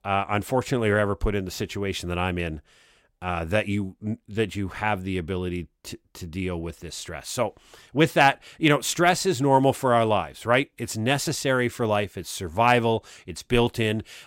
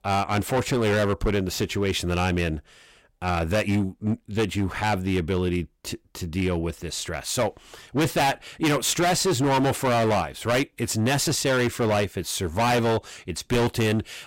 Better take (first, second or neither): first